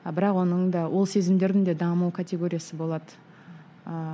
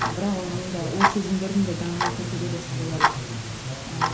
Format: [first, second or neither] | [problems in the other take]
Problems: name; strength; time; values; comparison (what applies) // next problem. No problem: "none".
first | background sound (Tick-tock); 2 dB above the speech // room echo; dies away in 2.3 s